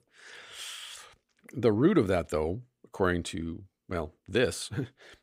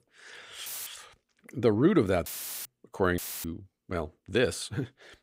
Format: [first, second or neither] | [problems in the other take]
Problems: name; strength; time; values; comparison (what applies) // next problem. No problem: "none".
first | audio cutting out; filled with static; at 0.5 s, at 2.5 s and at 3 s